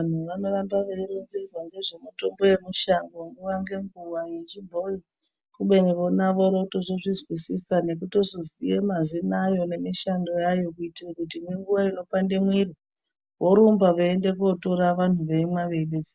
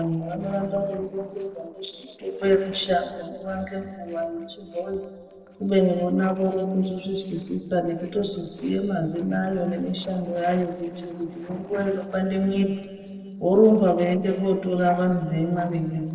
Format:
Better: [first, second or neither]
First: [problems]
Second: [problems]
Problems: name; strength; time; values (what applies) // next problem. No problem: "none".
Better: first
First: none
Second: noise reduction (neural separator model SepFormer DNS4)